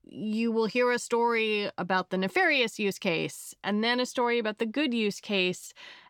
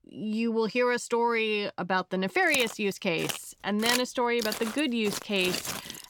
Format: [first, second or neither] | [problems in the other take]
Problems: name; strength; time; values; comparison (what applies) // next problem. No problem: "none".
first | footsteps; noticeable; from 2.5 s on; peak 2 dB below the speech